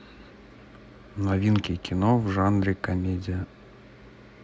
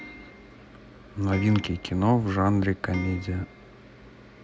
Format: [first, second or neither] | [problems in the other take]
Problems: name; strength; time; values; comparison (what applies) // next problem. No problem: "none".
first | background sound (Clock); 18 dB below the speech